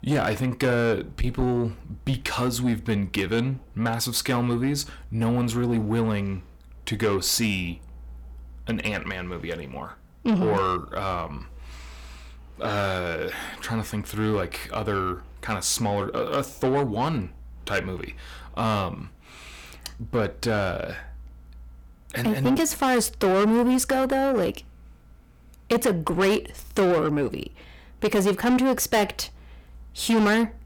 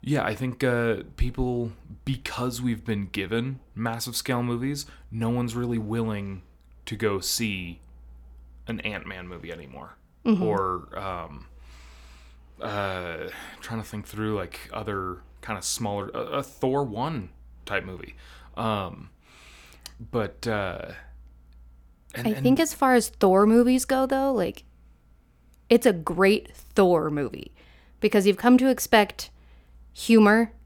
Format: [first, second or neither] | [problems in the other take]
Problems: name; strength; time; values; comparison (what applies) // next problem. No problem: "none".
second | distortion; heavy; 6 dB below the speech